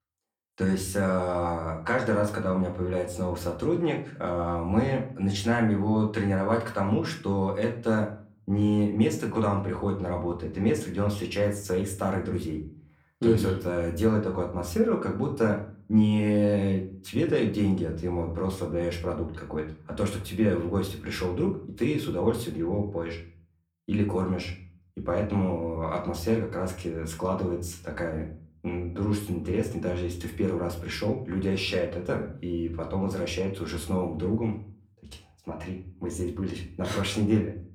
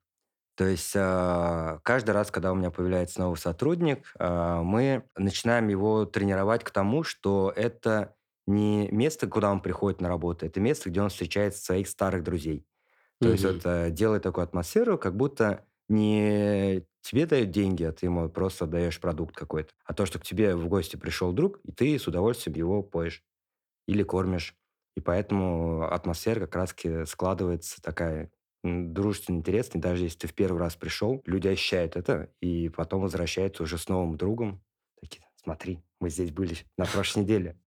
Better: second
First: room echo; slight; dies away in 0.4 s // off-mic speech; far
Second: none

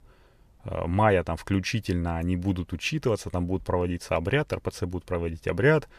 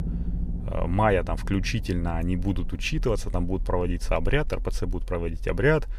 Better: first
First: none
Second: low rumble; faint; throughout; 20 dB below the speech

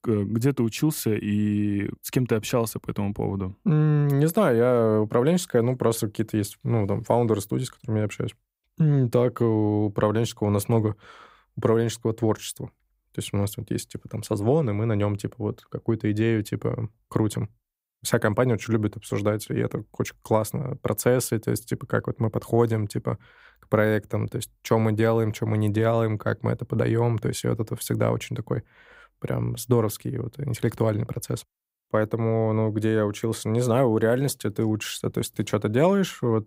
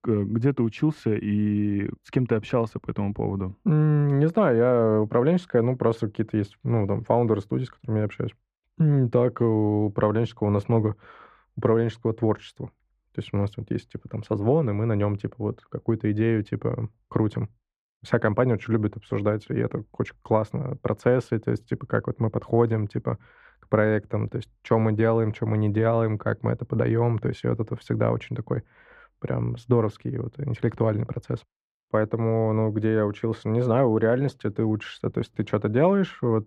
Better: first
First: none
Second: muffled; very; fading above 2.5 kHz

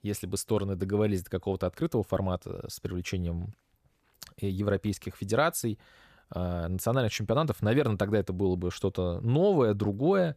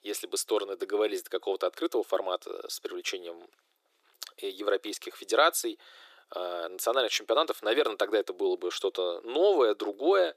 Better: first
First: none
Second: thin; very; fading below 350 Hz

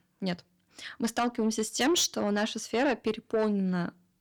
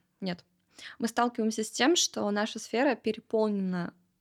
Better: second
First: distortion; slight; 10 dB below the speech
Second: none

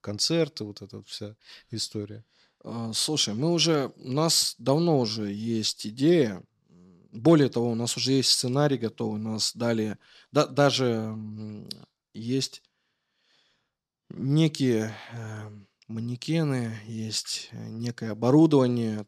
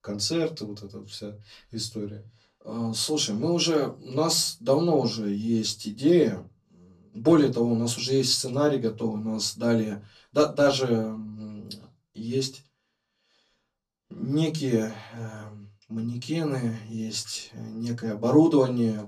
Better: first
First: none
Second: off-mic speech; far // room echo; very slight; dies away in 0.2 s

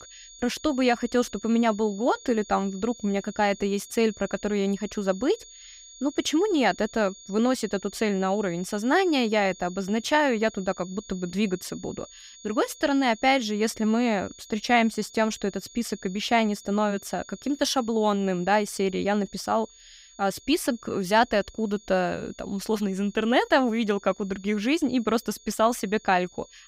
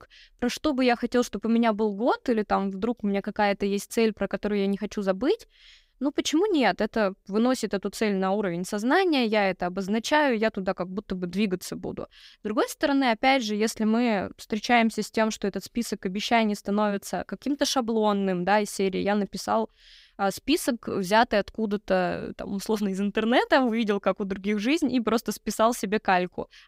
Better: second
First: high-pitched whine; faint; throughout; 6.5 kHz, 20 dB below the speech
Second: none

